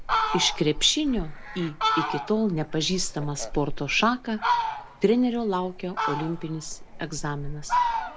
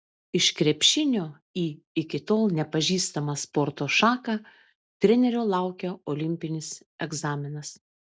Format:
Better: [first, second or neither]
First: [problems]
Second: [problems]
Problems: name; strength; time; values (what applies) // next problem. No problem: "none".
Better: second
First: background sound (Fowl); 3 dB below the speech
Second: none